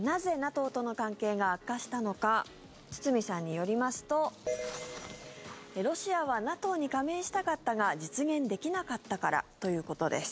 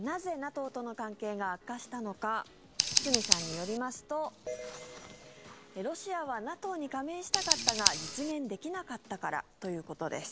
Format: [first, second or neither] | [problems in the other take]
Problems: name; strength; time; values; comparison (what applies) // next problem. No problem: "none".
first | background sound (Scissors); as loud as the speech